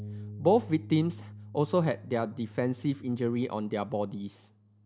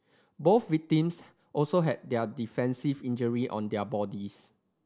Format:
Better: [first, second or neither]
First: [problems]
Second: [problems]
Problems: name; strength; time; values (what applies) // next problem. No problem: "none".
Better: second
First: background sound (Bass guitar); 16 dB below the speech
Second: none